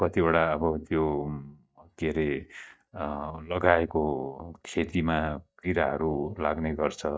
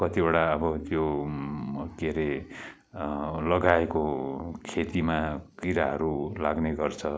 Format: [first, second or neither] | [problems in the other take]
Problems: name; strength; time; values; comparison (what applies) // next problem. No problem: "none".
second | noise reduction (neural mask model DeepFilterNet 3)